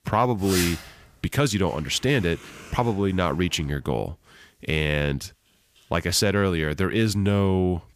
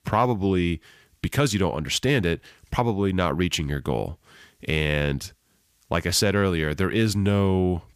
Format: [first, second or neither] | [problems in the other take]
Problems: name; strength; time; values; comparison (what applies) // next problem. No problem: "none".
second | household noises; noticeable; throughout; 10 dB below the speech